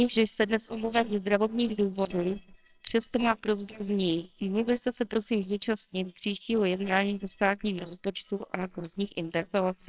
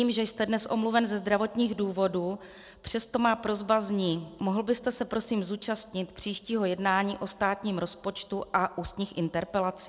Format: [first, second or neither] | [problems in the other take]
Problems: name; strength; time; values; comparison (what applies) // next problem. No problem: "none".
second | noise reduction (neural separator model SepFormer WHAMR!)